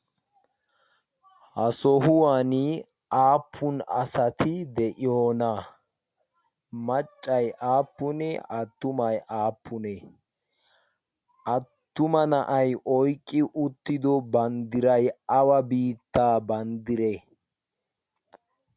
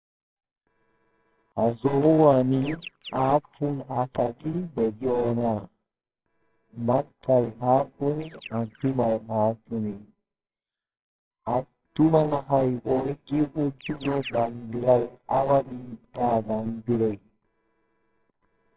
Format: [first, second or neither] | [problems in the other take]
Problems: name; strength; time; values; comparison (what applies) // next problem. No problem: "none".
first | noise reduction (neural separator model SepFormer WHAMR!)